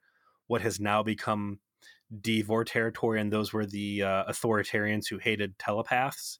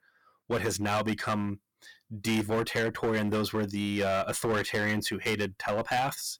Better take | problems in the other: first | distortion; heavy; 11% of the sound clipped

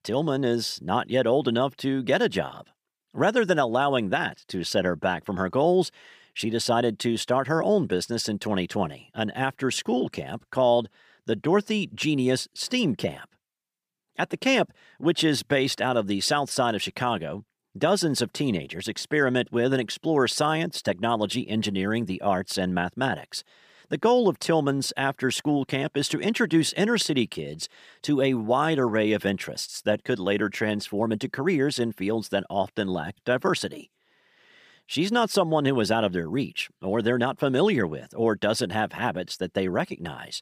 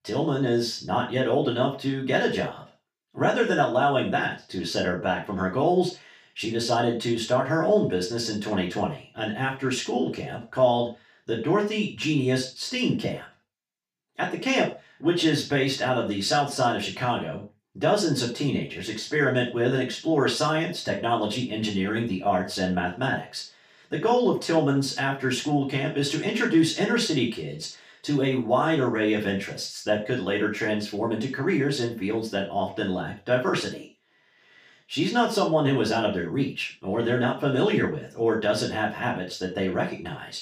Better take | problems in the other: first | room echo; noticeable; dies away in 0.3 s // off-mic speech; far

